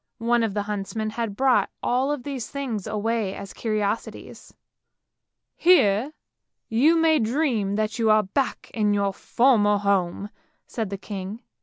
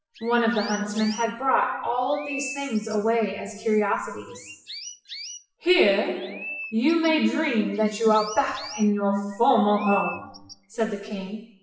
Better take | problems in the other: first | noise reduction (classical method WPE with log-MMSE)

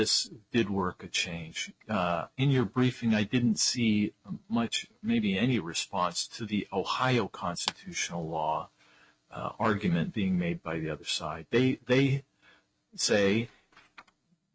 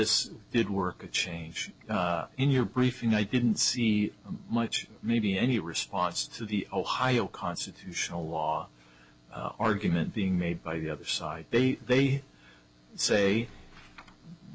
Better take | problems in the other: second | noise reduction (neural mask model RNNoise)

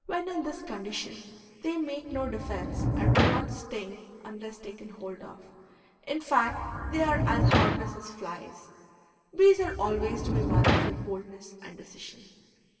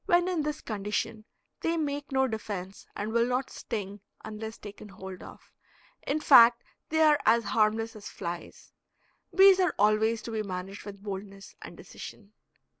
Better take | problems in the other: second | background sound (Sliding door); 4 dB above the speech // room echo; dies away in 2.2 s

